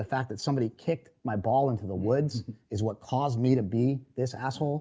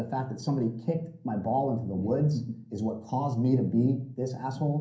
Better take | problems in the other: first | room echo; dies away in 0.6 s

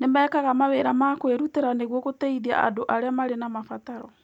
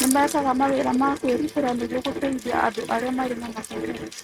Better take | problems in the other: first | noise reduction (neural mask model RNNoise)

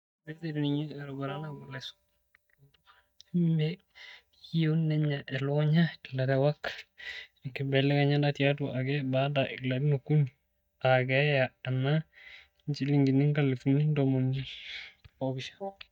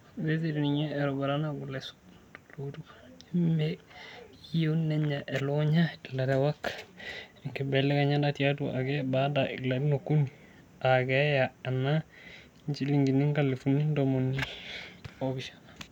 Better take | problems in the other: second | noise reduction (neural mask model DeepFilterNet 3)

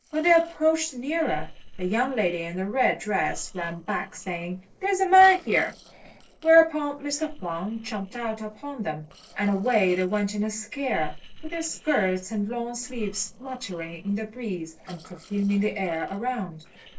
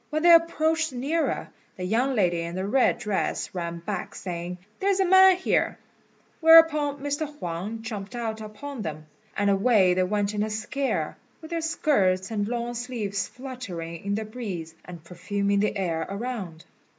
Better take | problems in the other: second | noise reduction (neural separator model SepFormer DNS4)

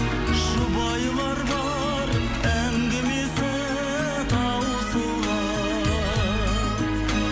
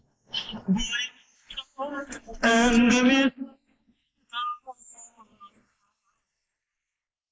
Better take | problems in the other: first | noise reduction (neural mask model Resemble Enhance denoiser)

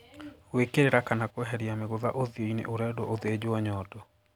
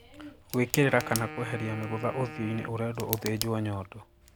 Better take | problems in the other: first | background sound (Wind instrument, woodwind instrument + Tick); 10 dB below the speech

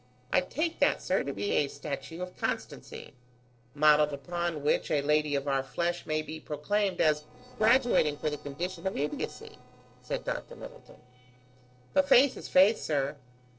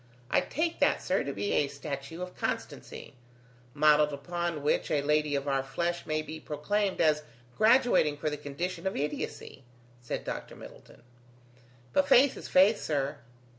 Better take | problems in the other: second | noise reduction (neural separator model SepFormer DNS4)

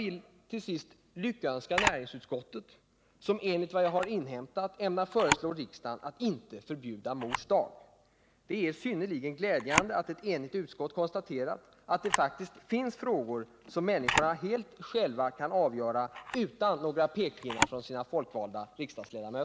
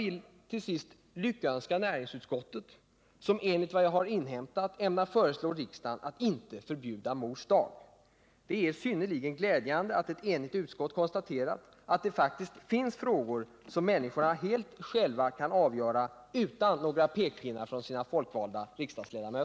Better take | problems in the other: second | background sound (Camera); 7 dB below the speech

